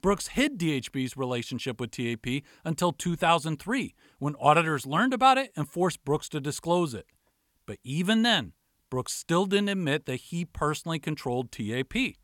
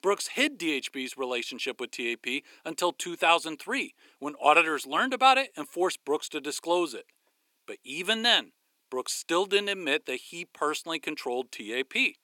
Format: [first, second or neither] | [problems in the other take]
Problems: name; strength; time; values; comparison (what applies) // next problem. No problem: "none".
first | thin; somewhat; fading below 350 Hz